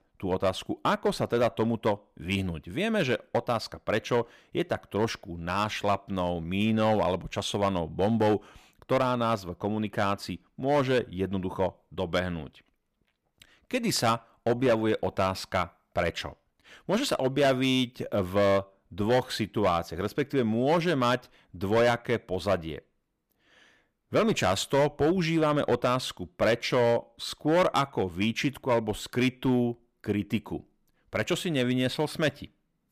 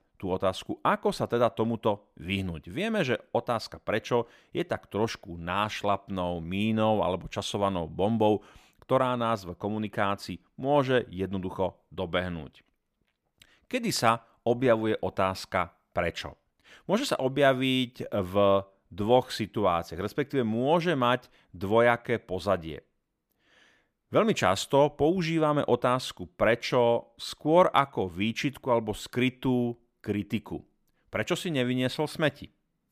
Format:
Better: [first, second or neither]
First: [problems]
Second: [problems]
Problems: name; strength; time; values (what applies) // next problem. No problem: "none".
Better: second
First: distortion; slight; 4% of the sound clipped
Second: none